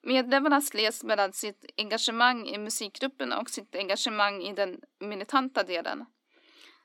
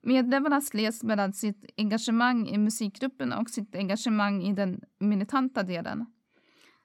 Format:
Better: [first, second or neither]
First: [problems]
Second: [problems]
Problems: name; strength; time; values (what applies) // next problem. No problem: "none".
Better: second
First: thin; somewhat; fading below 300 Hz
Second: none